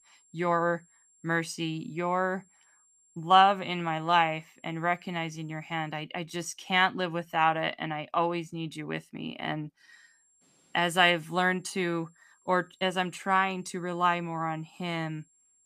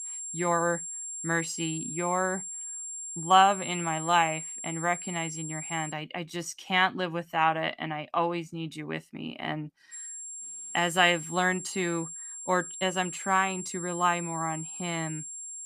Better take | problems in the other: first | high-pitched whine; loud; until 6 s and from 10 s on; 7.5 kHz, 8 dB below the speech; faint in the first

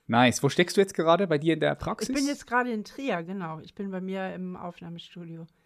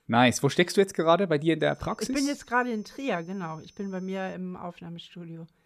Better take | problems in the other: first | high-pitched whine; faint; from 1.5 to 4.5 s; 6 kHz, 35 dB below the speech

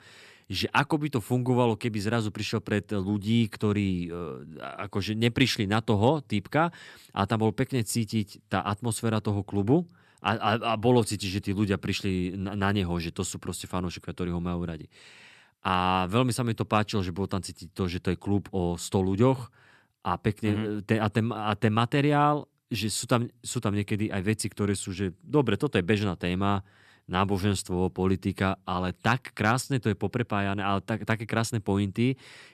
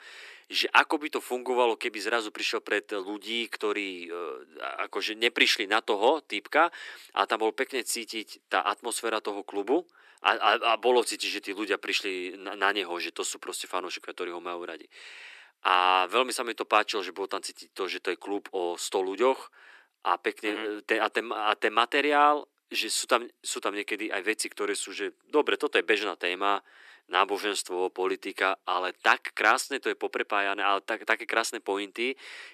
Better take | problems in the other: first | thin; very; fading below 350 Hz

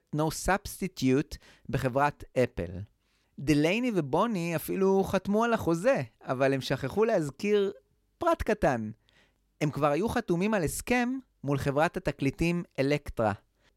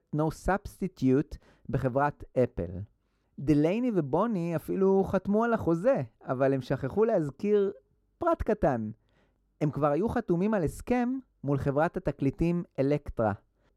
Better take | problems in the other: first | muffled; slightly; fading above 1 kHz

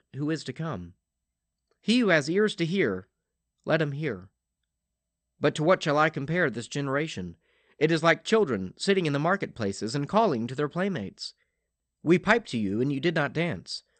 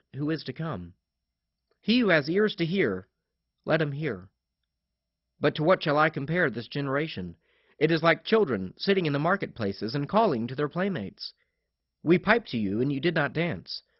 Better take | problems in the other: first | garbled, watery; badly; nothing above 5.5 kHz; slightly in the first

